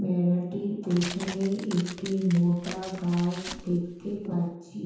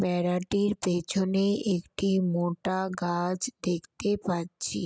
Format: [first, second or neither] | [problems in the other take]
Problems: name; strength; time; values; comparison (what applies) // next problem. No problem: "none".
second | background sound (Tearing); 15 dB below the speech // room echo; dies away in 0.9 s